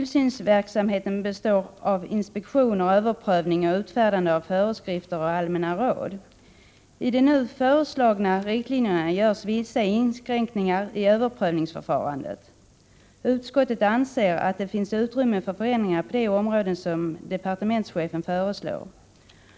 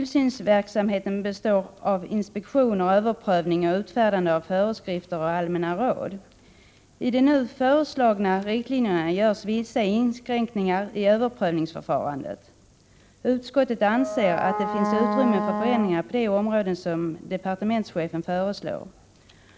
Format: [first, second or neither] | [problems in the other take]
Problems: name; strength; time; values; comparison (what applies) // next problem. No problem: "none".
first | background sound (Wind instrument, woodwind instrument); 5 dB below the speech